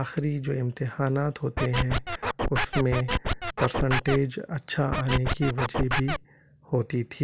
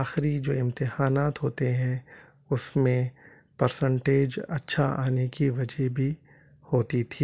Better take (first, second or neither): second